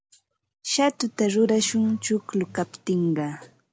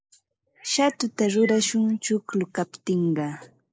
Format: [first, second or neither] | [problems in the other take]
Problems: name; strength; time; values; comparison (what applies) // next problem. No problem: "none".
first | noise reduction (neural mask model Resemble Enhance denoiser)